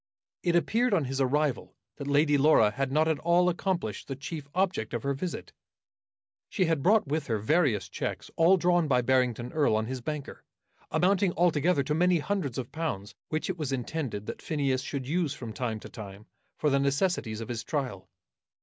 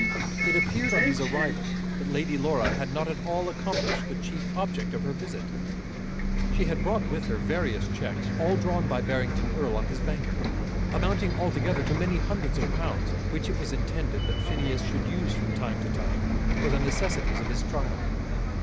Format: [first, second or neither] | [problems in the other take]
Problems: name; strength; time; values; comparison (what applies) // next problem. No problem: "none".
first | background sound (Bus); 5 dB above the speech